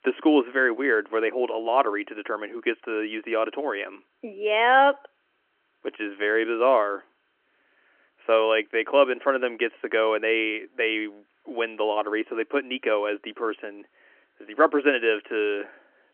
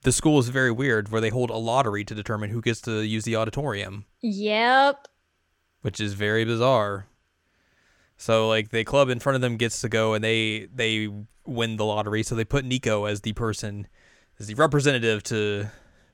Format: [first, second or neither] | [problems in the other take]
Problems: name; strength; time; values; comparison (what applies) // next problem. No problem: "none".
second | phone-call audio; nothing above 3 kHz